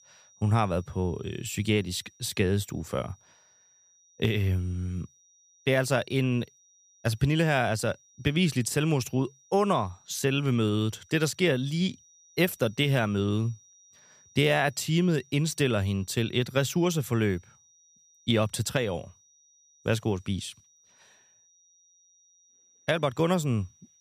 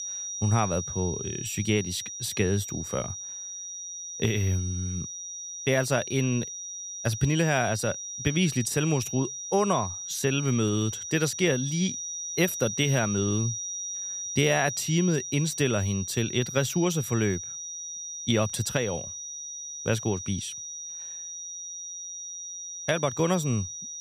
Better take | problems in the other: first | high-pitched whine; loud; throughout; 6 kHz, 6 dB below the speech; faint in the first

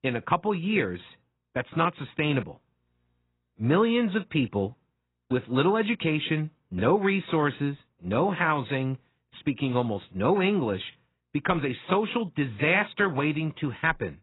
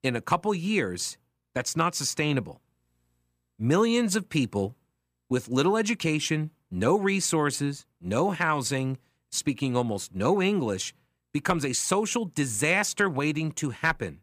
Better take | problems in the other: second | garbled, watery; badly; nothing above 4 kHz

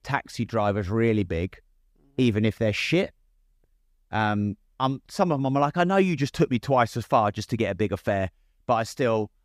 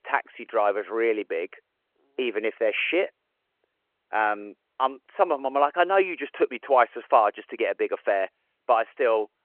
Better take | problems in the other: first | phone-call audio

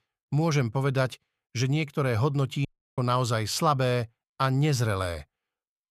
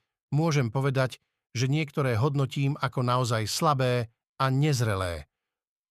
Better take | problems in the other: second | audio cutting out; at 2.5 s

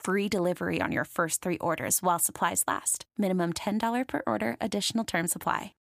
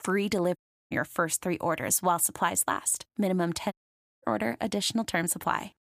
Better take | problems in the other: first | audio cutting out; at 0.5 s and at 3.5 s

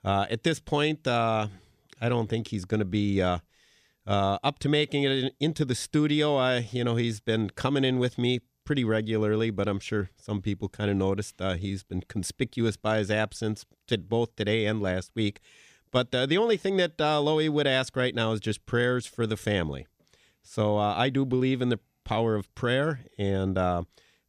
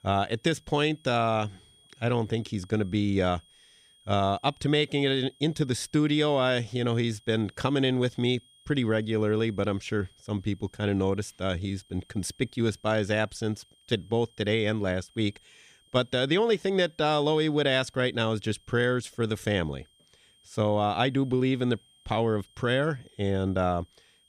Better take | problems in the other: first | high-pitched whine; faint; throughout; 3 kHz, 30 dB below the speech

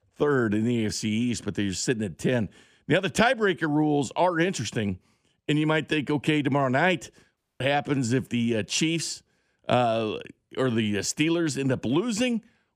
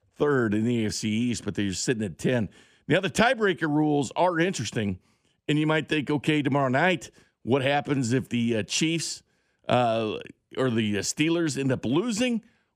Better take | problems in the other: second | audio cutting out; at 7.5 s

